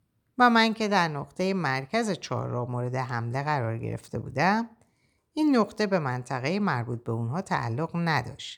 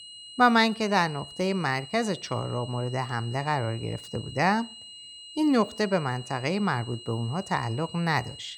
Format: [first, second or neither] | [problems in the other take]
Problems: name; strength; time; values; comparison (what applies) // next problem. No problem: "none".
first | high-pitched whine; noticeable; throughout; 3 kHz, 15 dB below the speech